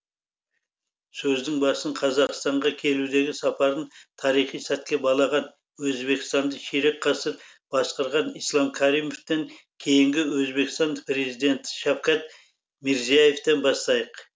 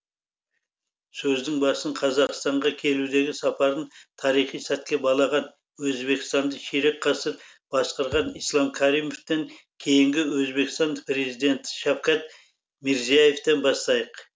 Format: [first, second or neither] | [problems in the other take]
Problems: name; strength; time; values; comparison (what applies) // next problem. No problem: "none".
first | background sound (Thump, thud); 19 dB below the speech